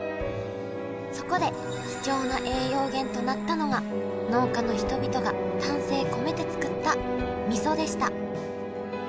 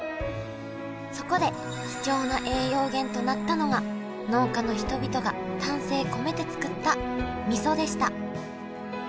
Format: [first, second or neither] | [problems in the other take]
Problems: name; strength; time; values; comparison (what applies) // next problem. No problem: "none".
second | background sound (Wind instrument, woodwind instrument); 4 dB below the speech